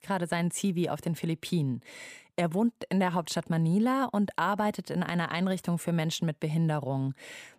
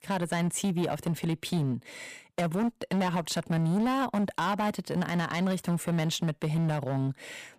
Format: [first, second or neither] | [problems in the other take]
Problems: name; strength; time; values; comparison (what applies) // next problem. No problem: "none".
first | distortion; slight; 18% of the sound clipped